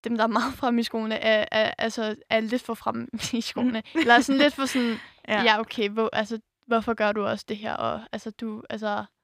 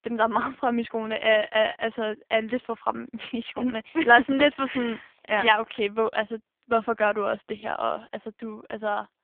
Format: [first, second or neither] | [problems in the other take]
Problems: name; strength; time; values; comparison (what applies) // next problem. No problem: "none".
first | phone-call audio; poor line; nothing above 3.5 kHz